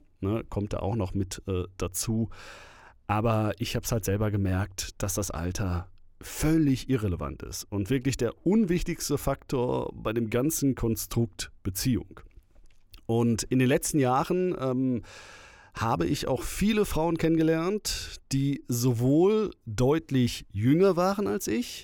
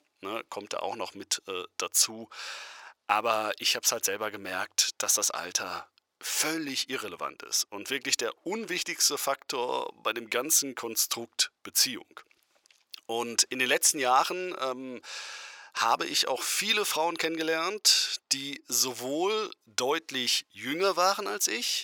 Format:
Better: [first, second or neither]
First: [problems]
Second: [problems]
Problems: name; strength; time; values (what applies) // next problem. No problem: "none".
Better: first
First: none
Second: thin; very; fading below 750 Hz